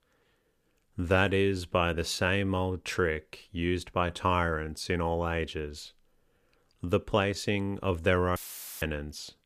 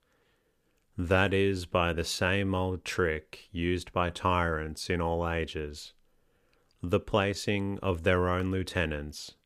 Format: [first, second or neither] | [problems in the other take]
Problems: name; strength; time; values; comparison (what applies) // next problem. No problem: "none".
second | audio cutting out; filled with static; at 8.5 s